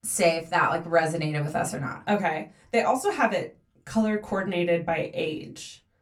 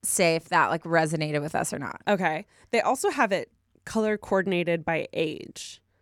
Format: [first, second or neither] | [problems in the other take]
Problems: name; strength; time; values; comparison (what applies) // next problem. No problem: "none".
second | off-mic speech; somewhat distant // room echo; very slight; dies away in 0.2 s